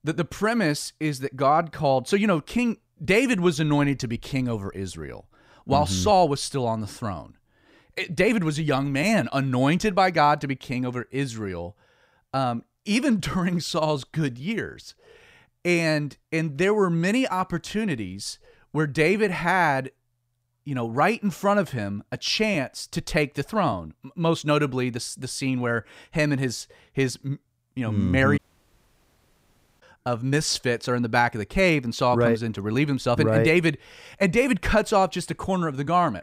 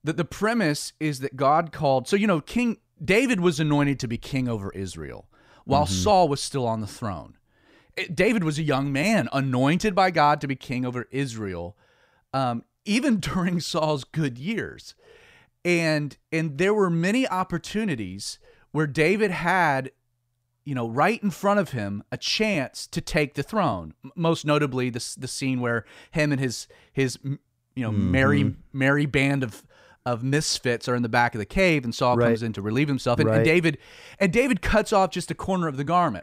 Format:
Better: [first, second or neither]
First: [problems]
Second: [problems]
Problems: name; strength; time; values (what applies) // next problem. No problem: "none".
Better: second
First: audio cutting out; at 28 s for 1.5 s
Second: none